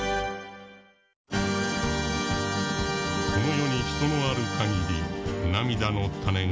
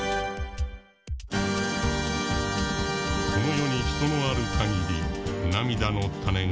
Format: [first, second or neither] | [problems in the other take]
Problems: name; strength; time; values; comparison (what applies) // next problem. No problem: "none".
first | background sound (Drum kit); 9 dB below the speech